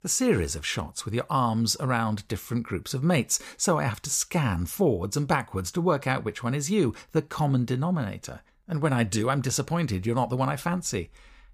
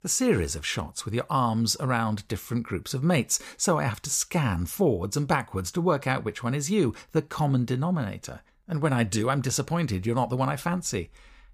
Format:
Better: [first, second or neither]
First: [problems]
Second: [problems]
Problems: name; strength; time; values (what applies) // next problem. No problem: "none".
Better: neither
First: none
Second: none